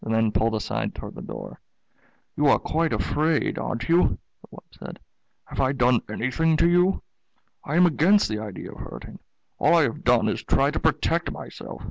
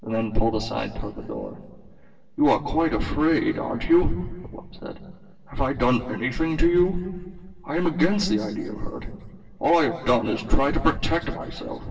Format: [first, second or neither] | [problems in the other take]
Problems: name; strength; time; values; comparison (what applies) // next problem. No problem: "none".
first | room echo; dies away in 1.7 s